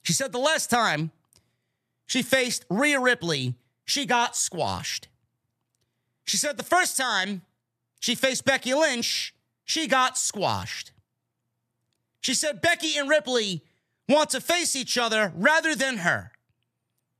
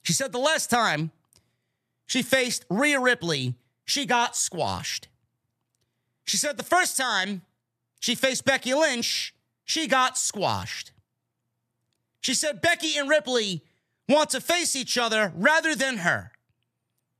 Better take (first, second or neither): neither